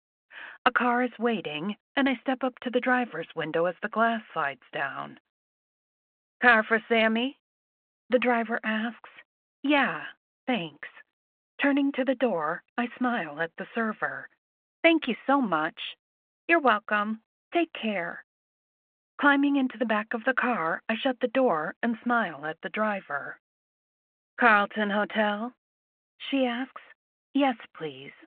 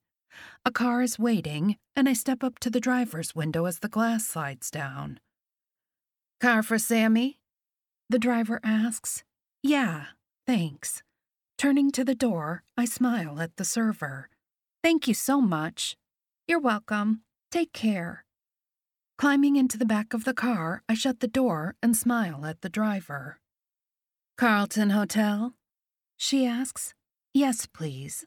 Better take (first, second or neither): second